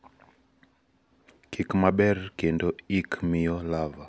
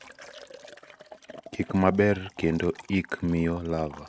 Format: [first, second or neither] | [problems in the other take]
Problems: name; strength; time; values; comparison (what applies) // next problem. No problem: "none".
first | noise reduction (neural mask model RNNoise)